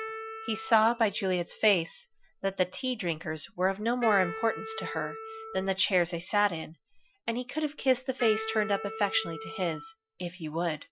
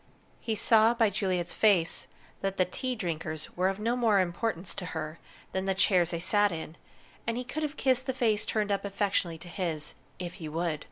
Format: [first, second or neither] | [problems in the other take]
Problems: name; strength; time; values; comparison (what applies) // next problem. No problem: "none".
second | noise reduction (classical method Wiener filter)